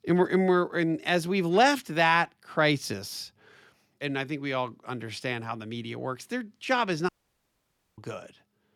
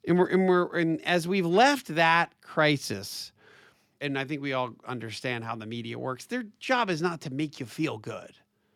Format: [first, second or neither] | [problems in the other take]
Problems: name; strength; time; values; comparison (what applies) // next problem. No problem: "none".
second | audio cutting out; at 7 s for 1 s